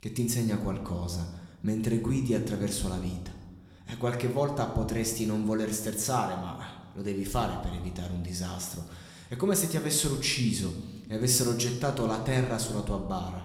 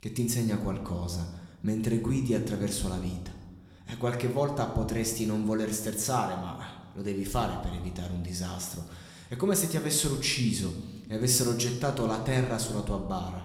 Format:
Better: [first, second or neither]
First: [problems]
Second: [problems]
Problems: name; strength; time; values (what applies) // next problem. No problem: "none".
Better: neither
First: room echo; slight; dies away in 0.8 s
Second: room echo; slight; dies away in 0.8 s